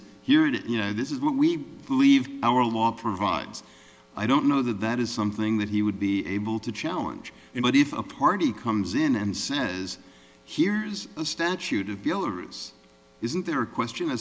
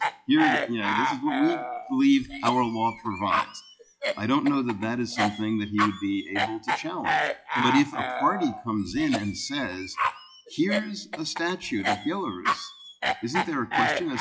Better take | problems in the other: first | noise reduction (classical method log-MMSE)

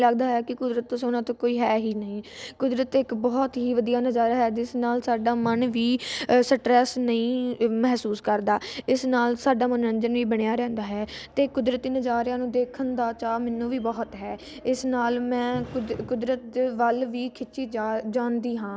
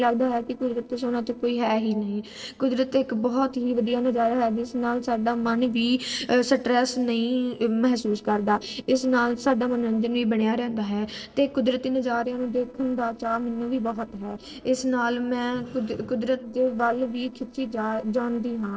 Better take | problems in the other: first | noise reduction (neural separator model SepFormer DNS4)

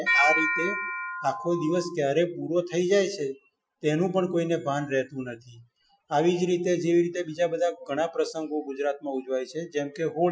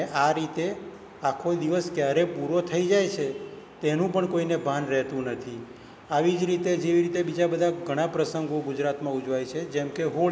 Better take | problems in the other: second | noise reduction (classical method Wiener filter)

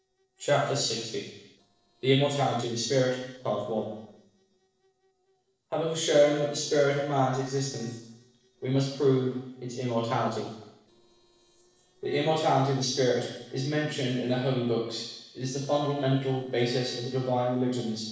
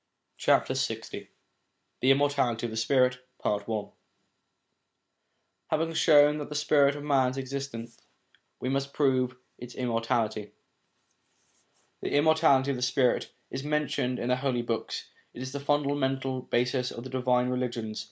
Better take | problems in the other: second | noise reduction (neural separator model SepFormer DNS4)

